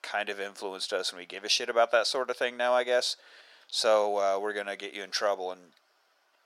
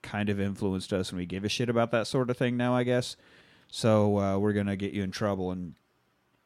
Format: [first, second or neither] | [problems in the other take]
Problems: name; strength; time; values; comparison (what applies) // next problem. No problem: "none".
second | thin; very; fading below 500 Hz